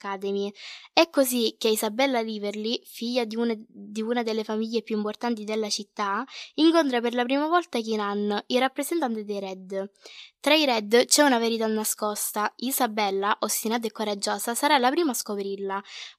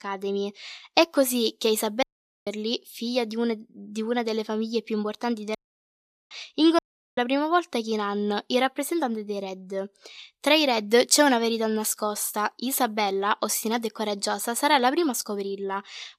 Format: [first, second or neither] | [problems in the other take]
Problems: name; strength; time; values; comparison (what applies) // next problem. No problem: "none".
first | audio cutting out; at 2 s, at 5.5 s for 1 s and at 7 s